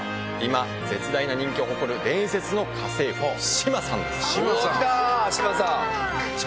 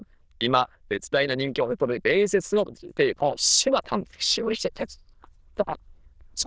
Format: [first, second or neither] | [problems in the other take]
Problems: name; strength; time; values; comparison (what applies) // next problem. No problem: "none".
first | noise reduction (neural diffusion model UNIVERSE++)